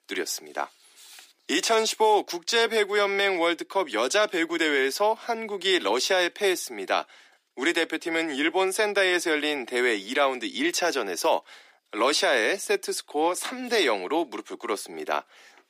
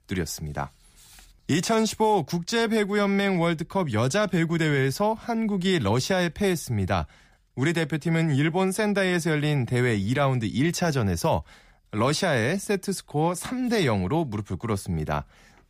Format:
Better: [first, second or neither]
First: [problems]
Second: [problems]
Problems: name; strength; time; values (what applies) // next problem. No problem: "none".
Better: second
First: thin; very; fading below 300 Hz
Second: none